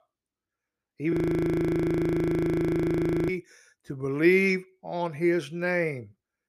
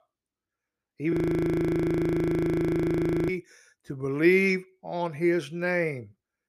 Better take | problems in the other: neither | audio freezing; at 1 s for 2 s; the same in both

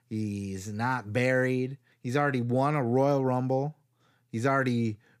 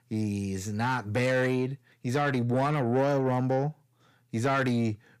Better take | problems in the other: first | distortion; slight; 10 dB below the speech

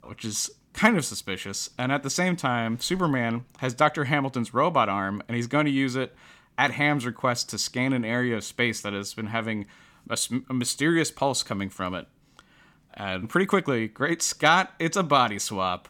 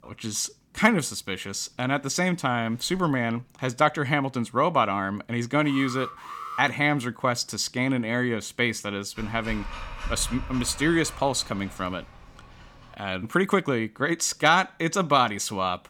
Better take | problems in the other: first | alarm; faint; at 5.5 s; peak 10 dB below the speech // dog barking; faint; from 9 to 12 s; peak 10 dB below the speech

